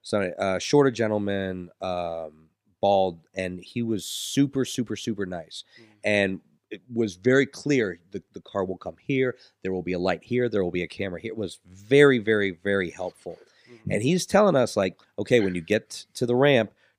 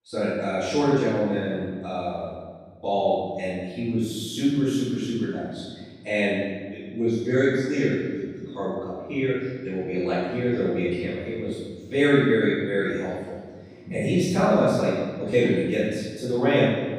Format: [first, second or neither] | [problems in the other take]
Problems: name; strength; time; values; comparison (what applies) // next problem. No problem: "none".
first | off-mic speech; far // room echo; strong; dies away in 1.5 s